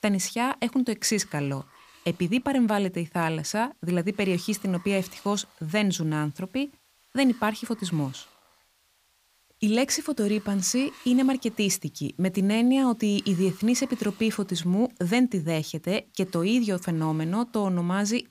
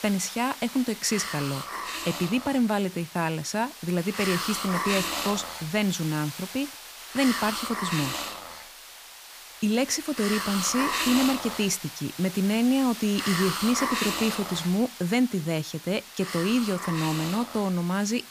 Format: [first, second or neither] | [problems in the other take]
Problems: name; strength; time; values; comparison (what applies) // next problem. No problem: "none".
first | hiss; loud; throughout; 5 dB below the speech; faint in the first